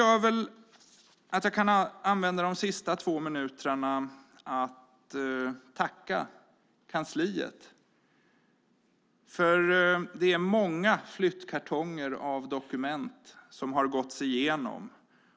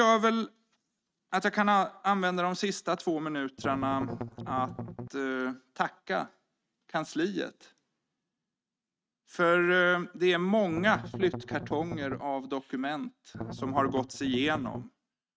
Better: first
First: none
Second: noise reduction (neural mask model RNNoise)

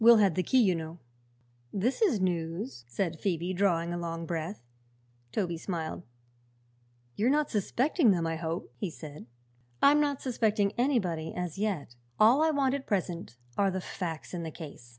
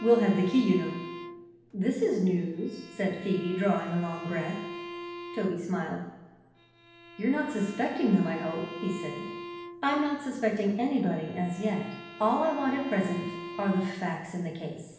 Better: first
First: none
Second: background sound (Bowed string instrument); 14 dB below the speech // room echo; dies away in 0.9 s

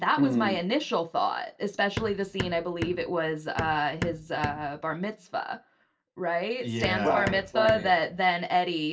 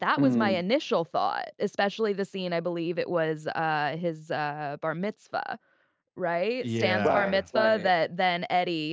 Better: second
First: background sound (Hammer); 9 dB below the speech // room echo; dies away in 0.2 s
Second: none

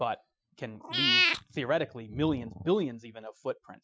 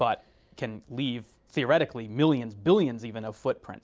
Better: second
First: noise reduction (classical method Wiener filter)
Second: none

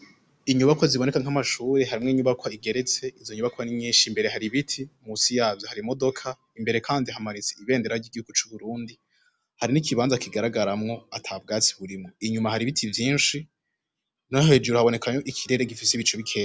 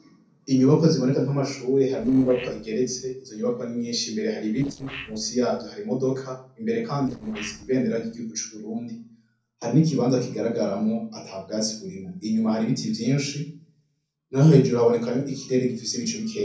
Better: first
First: none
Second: noise reduction (neural separator model SepFormer DNS4)

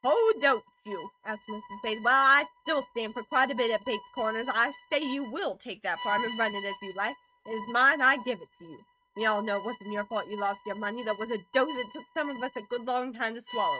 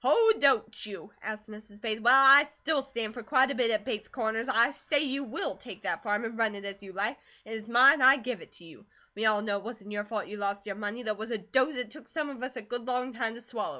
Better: second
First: noise reduction (neural mask model RNNoise)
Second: none

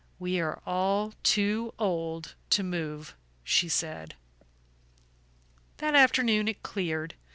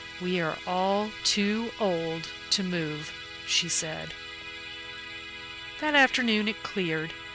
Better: first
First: none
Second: background sound (Musical instrument); 11 dB below the speech

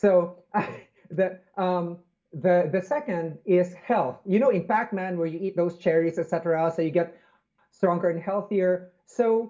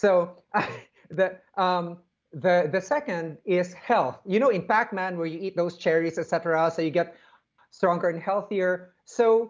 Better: second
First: room echo; dies away in 0.2 s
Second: none

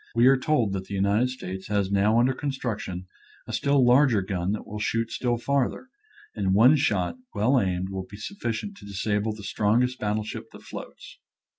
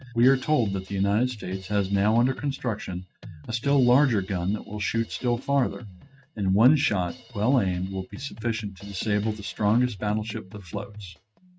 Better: first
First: none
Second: noise reduction (neural mask model RNNoise)

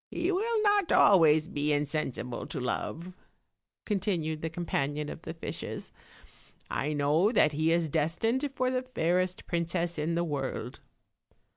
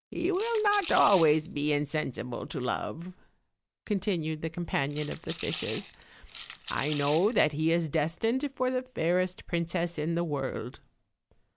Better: first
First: none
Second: background sound (Rattle / Rattle (instrument)); 12 dB below the speech

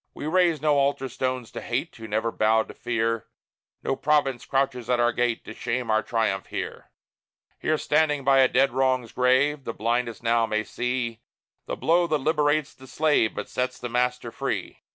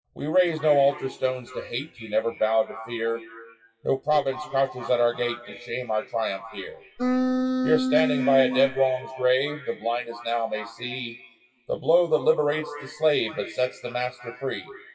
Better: first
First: none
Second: noise reduction (classical method WPE with log-MMSE)

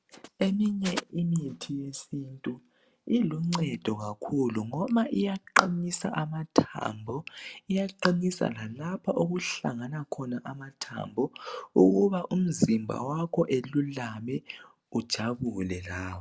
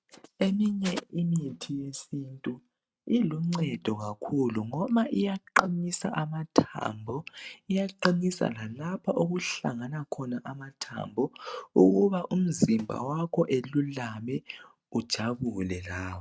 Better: first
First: none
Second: noise reduction (neural mask model RNNoise)

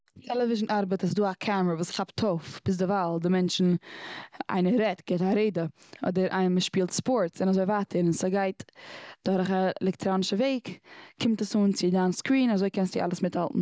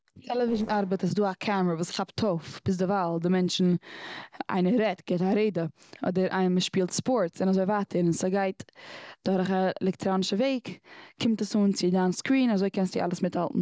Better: first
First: none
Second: noise reduction (neural separator model SepFormer DNS4)

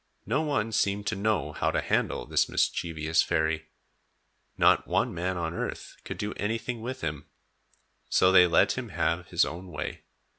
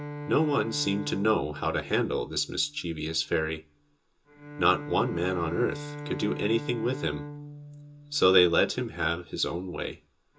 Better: first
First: none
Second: background sound (Bowed string instrument); 12 dB below the speech // room echo; dies away in 0.2 s

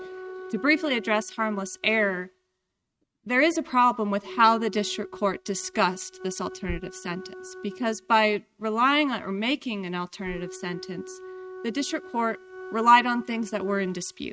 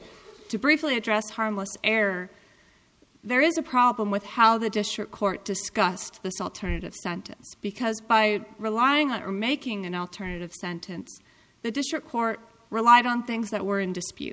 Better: second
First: noise reduction (neural mask model RNNoise)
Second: none

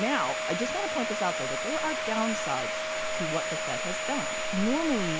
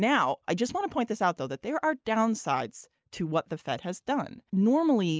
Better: second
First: background sound (Domestic sounds, home sounds); 1 dB above the speech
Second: none

